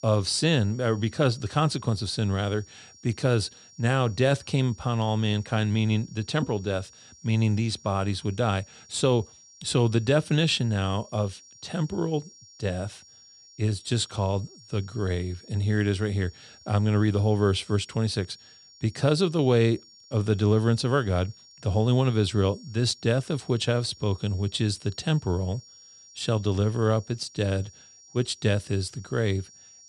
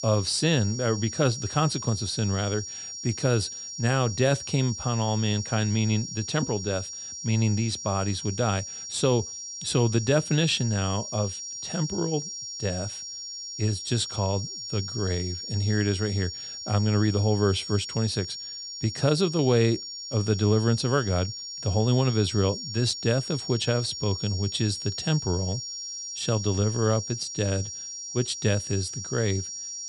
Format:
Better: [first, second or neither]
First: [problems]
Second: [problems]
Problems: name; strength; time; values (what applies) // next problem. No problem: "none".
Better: first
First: high-pitched whine; faint; throughout; 5.5 kHz, 25 dB below the speech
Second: high-pitched whine; loud; throughout; 5.5 kHz, 7 dB below the speech